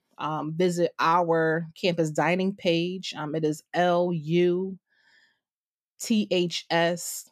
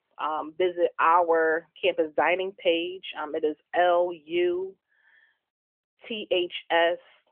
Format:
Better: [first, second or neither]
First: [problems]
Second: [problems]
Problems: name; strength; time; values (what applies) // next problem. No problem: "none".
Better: first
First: none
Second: phone-call audio; nothing above 3 kHz